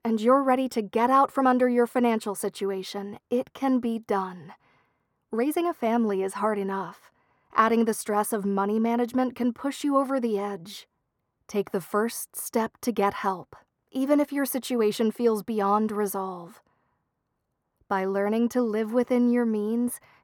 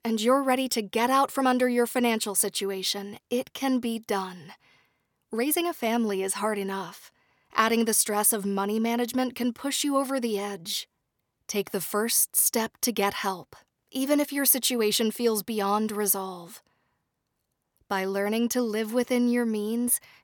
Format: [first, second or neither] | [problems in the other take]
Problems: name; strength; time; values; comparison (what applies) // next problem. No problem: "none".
second | muffled; slightly; fading above 2 kHz